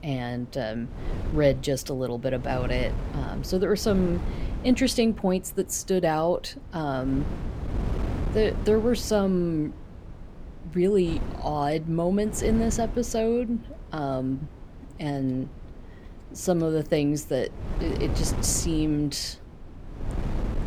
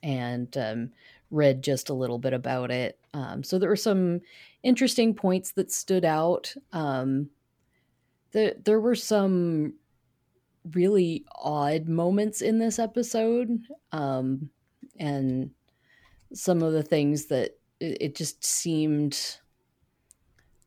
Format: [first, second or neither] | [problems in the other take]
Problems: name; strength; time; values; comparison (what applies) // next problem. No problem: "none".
second | wind noise on the microphone; occasional gusts; 15 dB below the speech